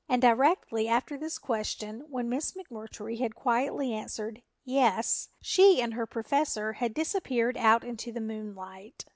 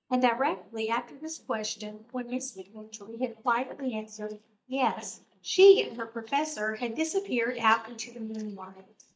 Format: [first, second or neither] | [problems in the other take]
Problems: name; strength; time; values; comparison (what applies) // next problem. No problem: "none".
first | noise reduction (neural mask model DeepFilterNet 3)